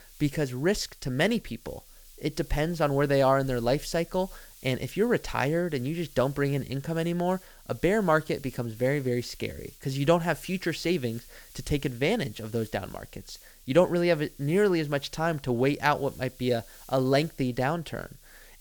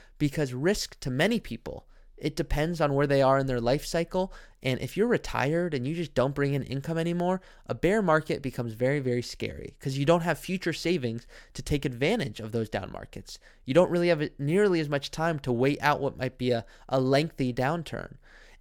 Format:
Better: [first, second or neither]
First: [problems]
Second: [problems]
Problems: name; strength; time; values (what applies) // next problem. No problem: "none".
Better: second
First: hiss; faint; throughout; 20 dB below the speech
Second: none